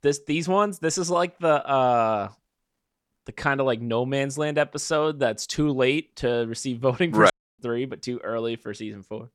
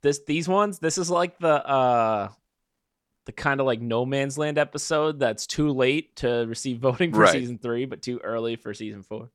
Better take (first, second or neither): second